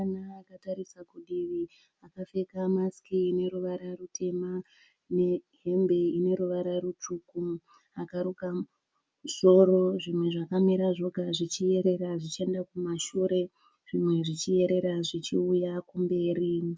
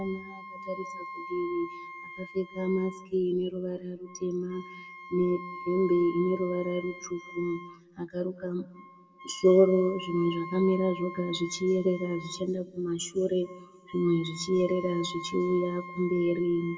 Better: first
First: none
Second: background sound (Wind instrument, woodwind instrument); 15 dB below the speech // room echo; dies away in 1.2 s

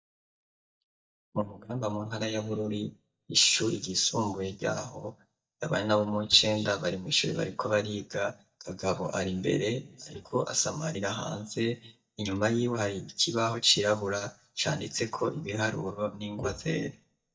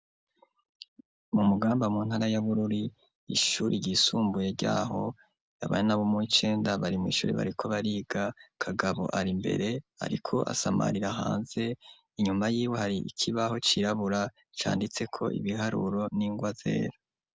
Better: second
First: noise reduction (neural mask model DeepFilterNet 3)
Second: none

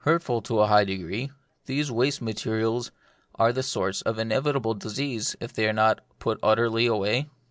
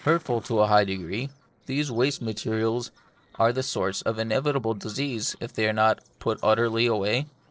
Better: first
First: none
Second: noise reduction (neural separator model SepFormer DNS4)

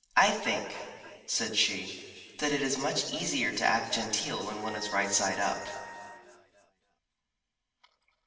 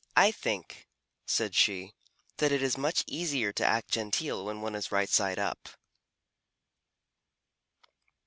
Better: second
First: background sound (Wind instrument, woodwind instrument); 15 dB below the speech // room echo; dies away in 2.3 s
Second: none

